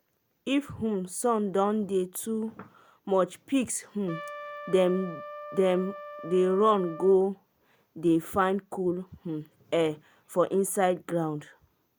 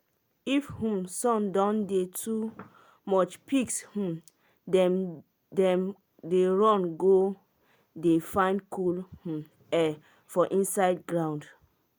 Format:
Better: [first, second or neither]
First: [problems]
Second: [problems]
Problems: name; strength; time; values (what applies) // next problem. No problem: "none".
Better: second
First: background sound (Trumpet); 13 dB below the speech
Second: none